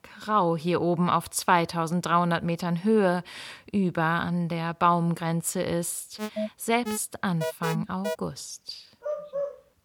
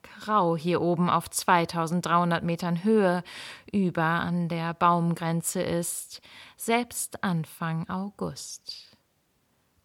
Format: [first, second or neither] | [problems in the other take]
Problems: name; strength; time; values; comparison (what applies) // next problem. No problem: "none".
second | alarm; noticeable; from 6 to 8 s; peak 5 dB below the speech // dog barking; noticeable; at 9 s; peak 5 dB below the speech